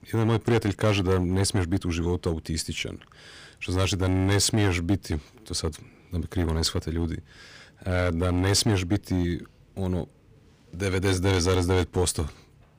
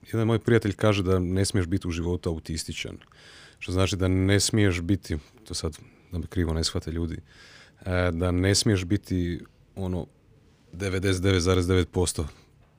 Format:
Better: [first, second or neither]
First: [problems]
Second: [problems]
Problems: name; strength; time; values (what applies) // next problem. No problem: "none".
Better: second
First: distortion; slight; 5% of the sound clipped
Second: none